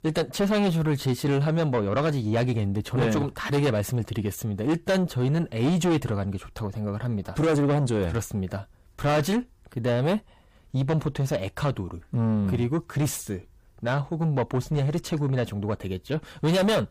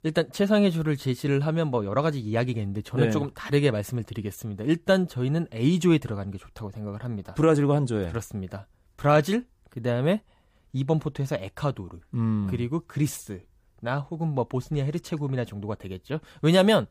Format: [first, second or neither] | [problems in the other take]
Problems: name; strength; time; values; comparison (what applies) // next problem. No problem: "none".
second | distortion; heavy; 6 dB below the speech